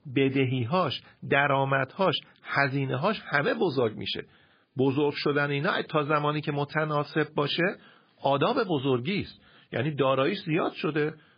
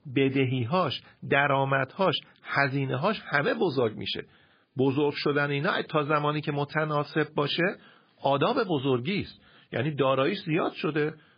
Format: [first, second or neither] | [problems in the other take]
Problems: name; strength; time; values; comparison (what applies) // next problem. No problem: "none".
neither | garbled, watery; badly; nothing above 5 kHz; the same in both